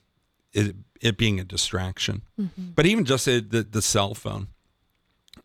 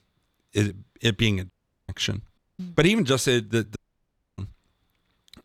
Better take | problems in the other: first | audio cutting out; at 1.5 s, at 2.5 s and at 4 s for 0.5 s

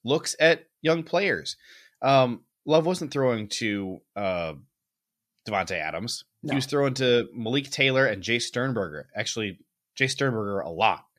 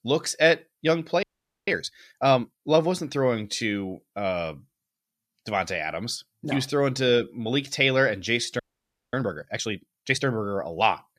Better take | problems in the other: first | audio freezing; at 1 s and at 8.5 s for 0.5 s

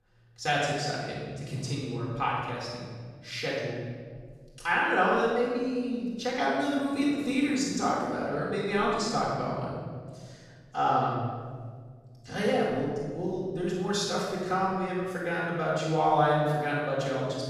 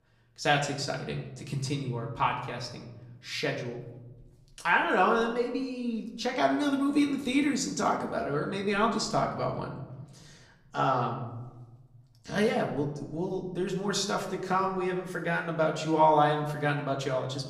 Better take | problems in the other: second | room echo; strong; dies away in 1.6 s; slight in the second // off-mic speech; far; far in the second

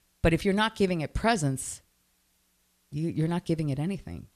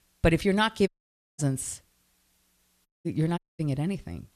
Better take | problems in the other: first | audio cutting out; at 1 s, at 3 s and at 3.5 s

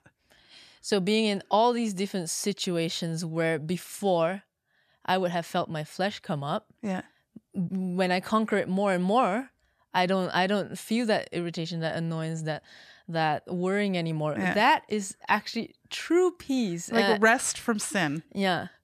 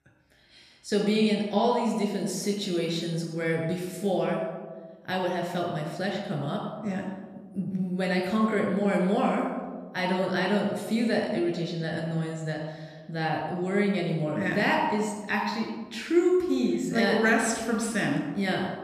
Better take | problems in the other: first | off-mic speech; somewhat distant // room echo; noticeable; dies away in 1.1 s

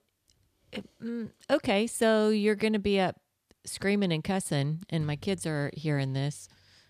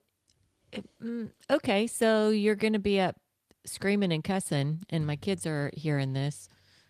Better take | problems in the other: first | garbled, watery; slightly; nothing above 14.5 kHz

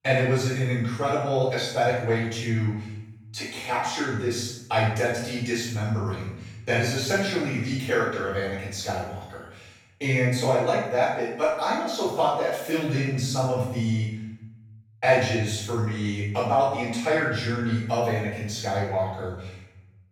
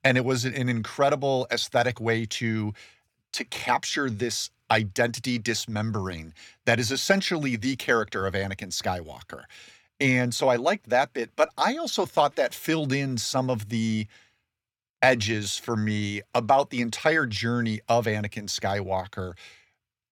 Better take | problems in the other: second | off-mic speech; far // room echo; strong; dies away in 0.8 s

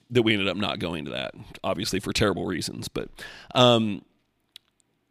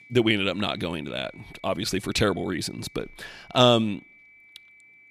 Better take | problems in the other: first | high-pitched whine; faint; throughout; 2.5 kHz, 25 dB below the speech

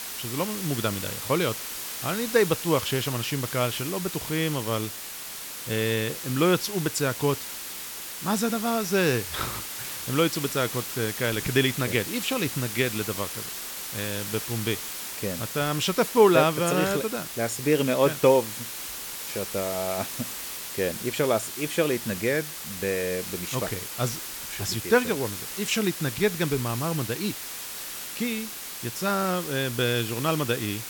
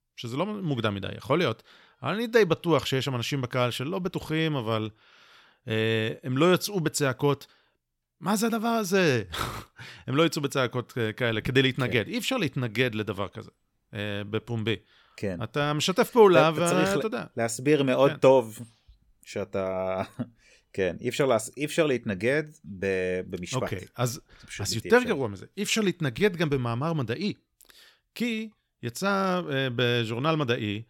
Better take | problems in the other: second | hiss; loud; throughout; 6 dB below the speech

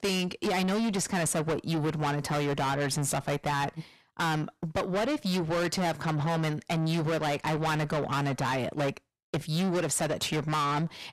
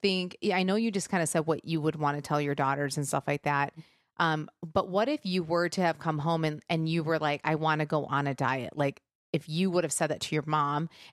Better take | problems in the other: second | distortion; heavy; 5 dB below the speech

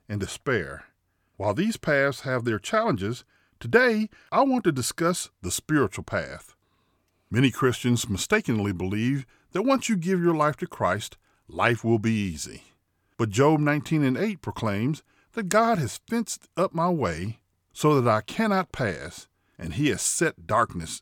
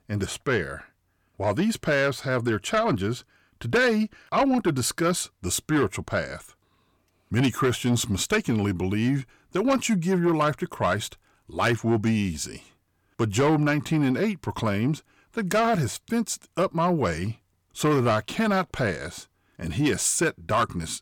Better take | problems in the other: first | distortion; slight; 10 dB below the speech

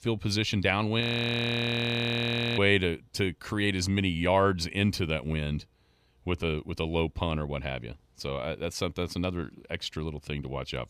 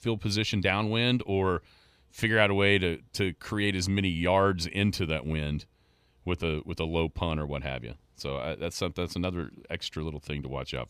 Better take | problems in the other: second | audio freezing; at 1 s for 1.5 s

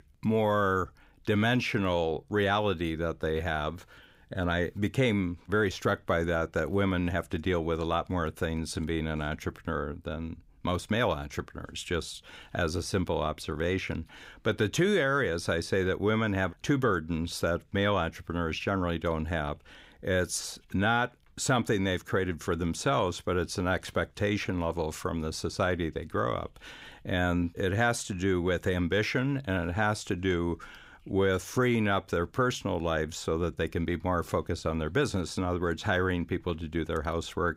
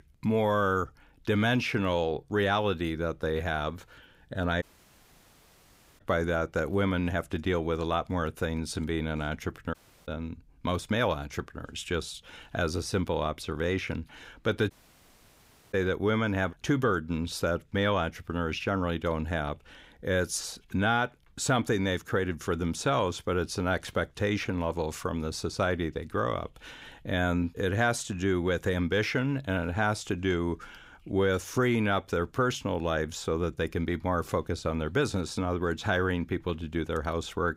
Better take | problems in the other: first | audio cutting out; at 4.5 s for 1.5 s, at 9.5 s and at 15 s for 1 s

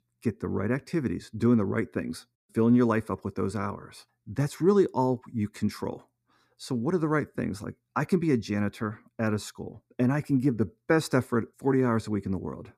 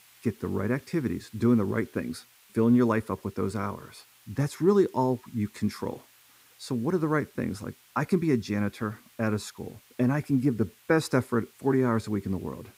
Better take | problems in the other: first | hiss; faint; throughout; 30 dB below the speech

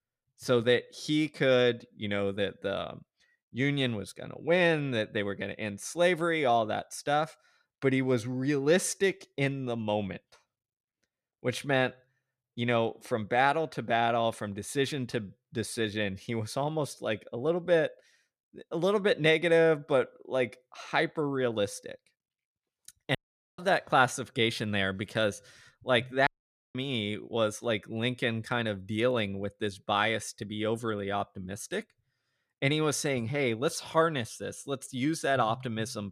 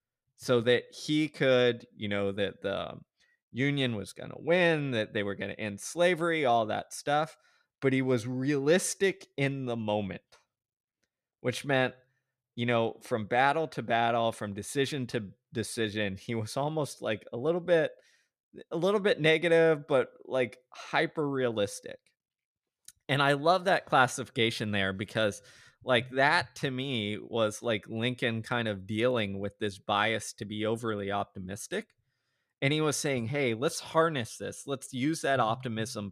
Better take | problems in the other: second | audio cutting out; at 23 s and at 26 s

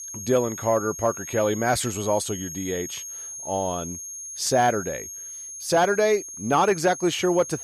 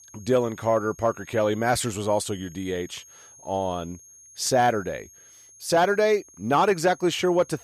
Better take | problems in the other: second | high-pitched whine; loud; throughout; 6.5 kHz, 10 dB below the speech; faint in the second

